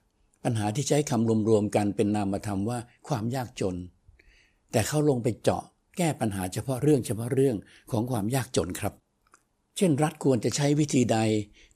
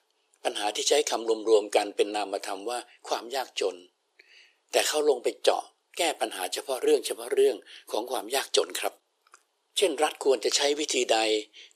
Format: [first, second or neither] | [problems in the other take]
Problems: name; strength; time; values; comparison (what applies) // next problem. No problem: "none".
first | thin; very; fading below 400 Hz